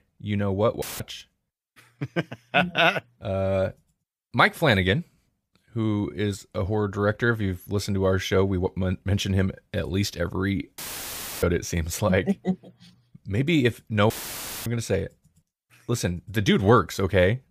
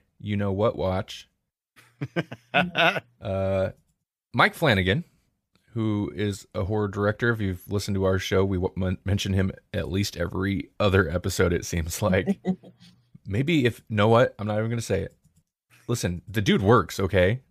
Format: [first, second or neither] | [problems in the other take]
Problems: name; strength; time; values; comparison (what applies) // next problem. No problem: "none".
second | audio cutting out; filled with static; at 1 s, at 11 s for 0.5 s and at 14 s for 0.5 s